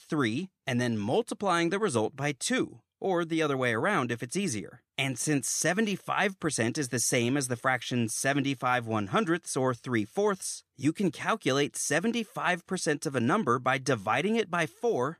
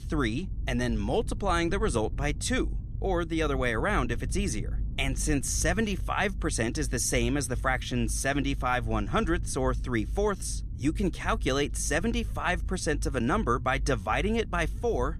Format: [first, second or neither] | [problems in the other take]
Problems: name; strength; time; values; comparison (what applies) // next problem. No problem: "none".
first | low rumble; faint; throughout; 25 dB below the speech